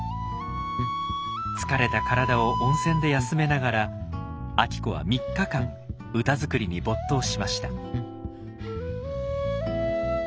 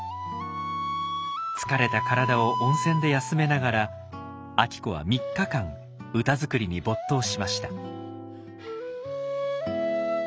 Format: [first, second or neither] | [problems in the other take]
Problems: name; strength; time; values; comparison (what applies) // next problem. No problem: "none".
second | background sound (Bass guitar); 7 dB below the speech